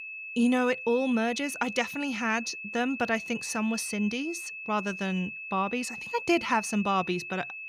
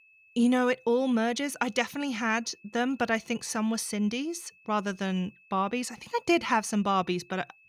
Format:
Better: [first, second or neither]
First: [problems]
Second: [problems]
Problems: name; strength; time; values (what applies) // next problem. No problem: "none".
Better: second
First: high-pitched whine; loud; throughout; 2.5 kHz, 8 dB below the speech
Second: high-pitched whine; faint; throughout; 2.5 kHz, 30 dB below the speech